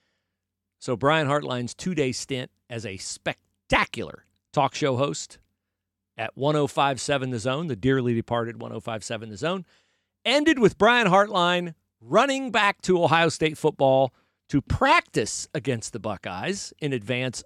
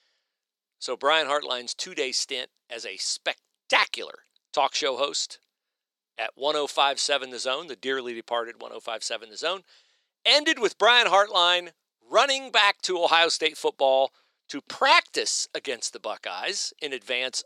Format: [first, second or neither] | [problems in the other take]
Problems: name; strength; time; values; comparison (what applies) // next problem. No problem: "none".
first | thin; very; fading below 450 Hz